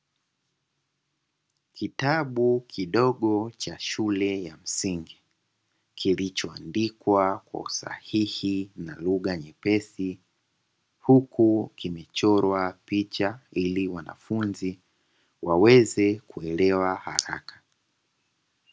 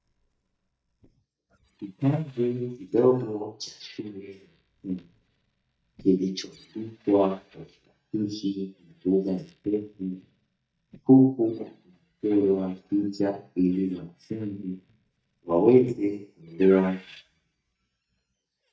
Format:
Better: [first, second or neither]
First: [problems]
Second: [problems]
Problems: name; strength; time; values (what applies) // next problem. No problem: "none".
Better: first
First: none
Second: noise reduction (neural mask model DeepFilterNet 3)